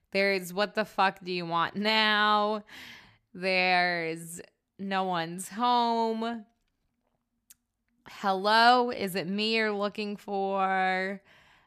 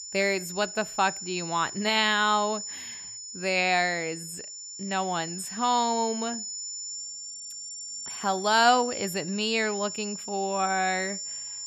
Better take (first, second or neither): first